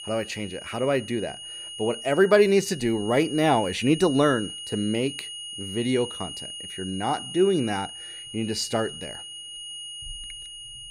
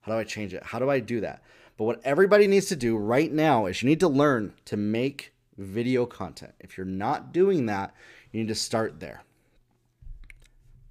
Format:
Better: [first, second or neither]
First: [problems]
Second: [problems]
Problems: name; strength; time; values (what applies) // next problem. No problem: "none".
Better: second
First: high-pitched whine; noticeable; throughout; 3 kHz, 10 dB below the speech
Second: none